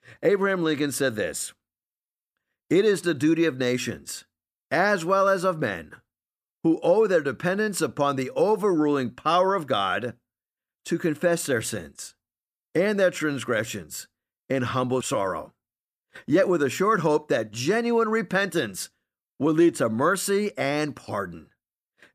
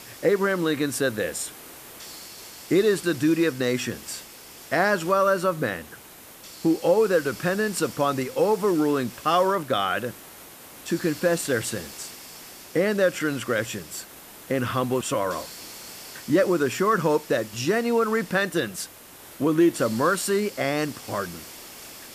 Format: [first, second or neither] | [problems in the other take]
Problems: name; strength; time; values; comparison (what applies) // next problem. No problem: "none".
first | hiss; noticeable; throughout; 15 dB below the speech